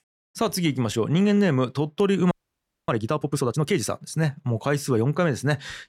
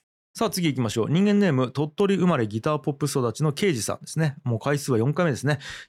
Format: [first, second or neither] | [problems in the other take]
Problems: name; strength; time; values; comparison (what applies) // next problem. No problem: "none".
second | audio freezing; at 2.5 s for 0.5 s